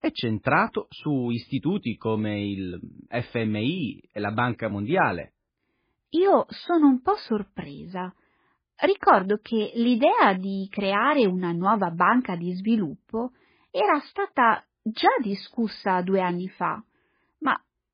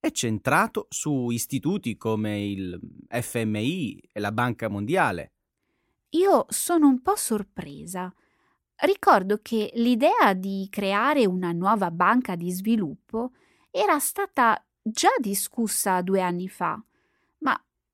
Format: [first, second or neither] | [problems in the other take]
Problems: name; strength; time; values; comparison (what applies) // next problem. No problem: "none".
second | garbled, watery; badly